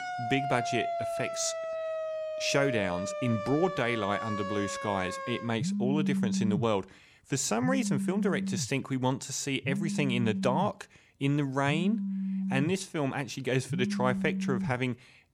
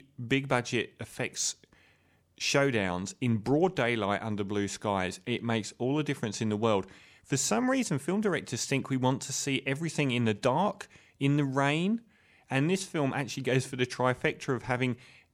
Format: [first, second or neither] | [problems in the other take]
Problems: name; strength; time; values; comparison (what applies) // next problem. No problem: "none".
second | alarms or sirens; loud; throughout; 3 dB below the speech